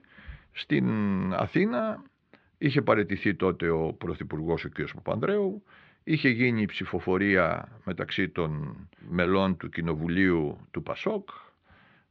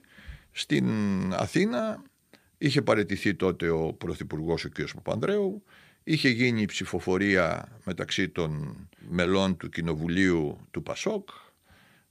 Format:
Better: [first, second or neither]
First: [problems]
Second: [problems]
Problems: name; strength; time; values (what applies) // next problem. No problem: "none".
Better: second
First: muffled; slightly; fading above 3 kHz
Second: none